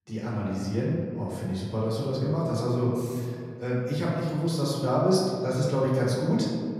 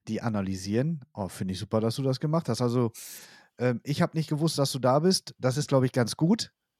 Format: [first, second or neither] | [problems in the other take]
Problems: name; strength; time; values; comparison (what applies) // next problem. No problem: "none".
second | off-mic speech; far // room echo; noticeable; dies away in 2.1 s